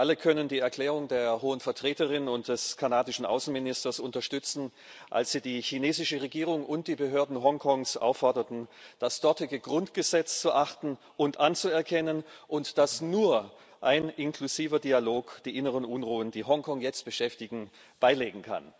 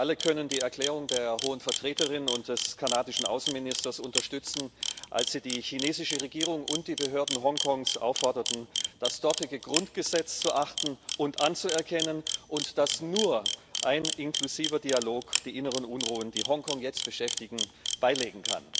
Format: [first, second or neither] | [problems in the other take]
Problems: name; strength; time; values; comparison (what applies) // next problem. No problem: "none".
first | background sound (Camera); 4 dB below the speech